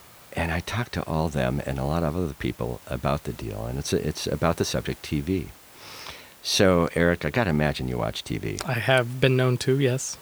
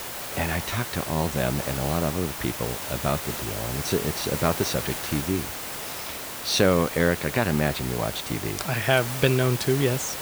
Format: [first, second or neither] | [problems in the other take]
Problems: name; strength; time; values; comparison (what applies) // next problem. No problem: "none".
first | hiss; loud; throughout; 5 dB below the speech; faint in the first